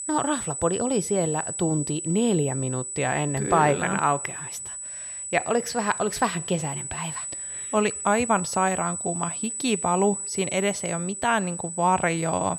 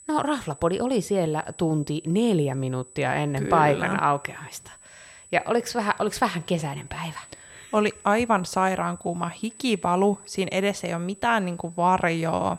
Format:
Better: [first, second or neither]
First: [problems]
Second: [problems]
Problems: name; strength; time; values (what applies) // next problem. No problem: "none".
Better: second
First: high-pitched whine; loud; throughout; 8 kHz, 5 dB below the speech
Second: high-pitched whine; faint; throughout; 8 kHz, 20 dB below the speech